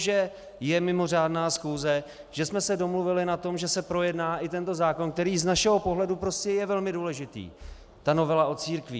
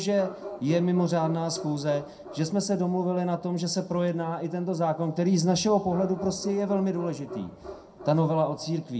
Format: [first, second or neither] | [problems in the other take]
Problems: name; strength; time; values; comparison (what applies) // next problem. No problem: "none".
first | background sound (Bark); 15 dB below the speech // room echo; dies away in 0.2 s